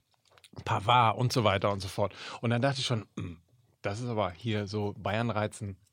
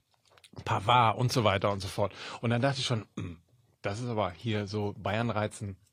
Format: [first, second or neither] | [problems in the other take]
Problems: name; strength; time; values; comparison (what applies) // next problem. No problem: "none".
first | garbled, watery; slightly; nothing above 15 kHz